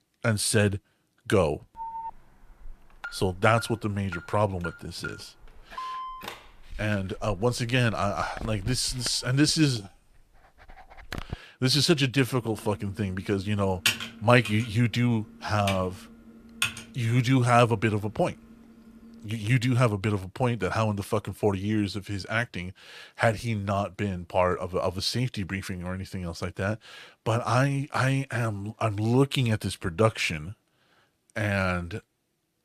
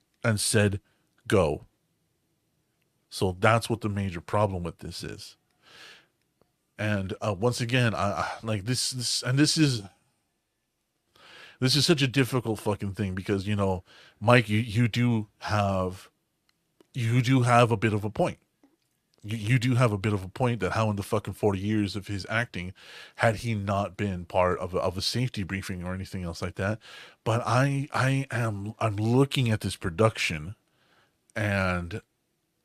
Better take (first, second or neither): second